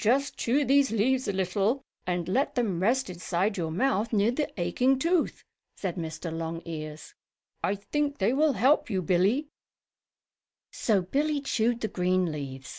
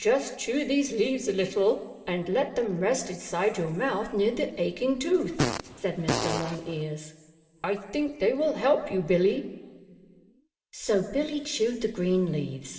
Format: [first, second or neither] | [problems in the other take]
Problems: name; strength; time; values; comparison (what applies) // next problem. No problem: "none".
first | background sound (Fart); 3 dB below the speech // room echo; dies away in 3 s